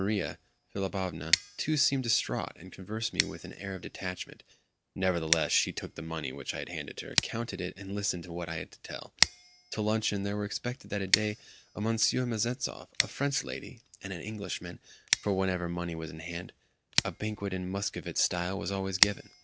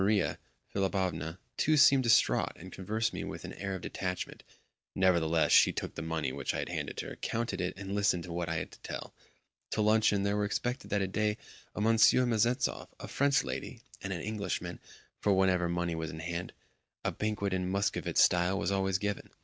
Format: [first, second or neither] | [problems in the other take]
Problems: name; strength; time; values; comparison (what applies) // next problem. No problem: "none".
second | background sound (Scissors); 4 dB below the speech